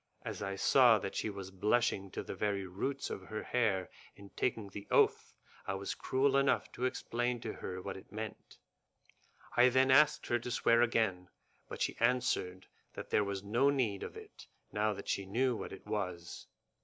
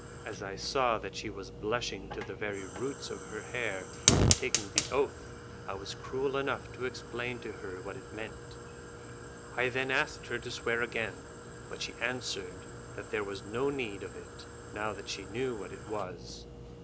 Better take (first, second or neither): first